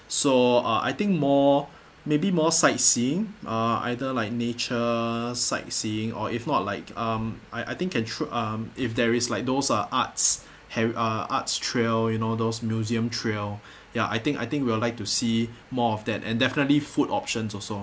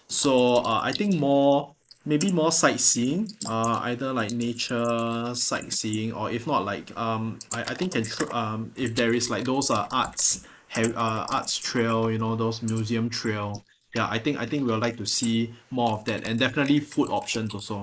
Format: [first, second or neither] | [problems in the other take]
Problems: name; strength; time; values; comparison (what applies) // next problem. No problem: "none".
first | noise reduction (neural mask model Resemble Enhance denoiser)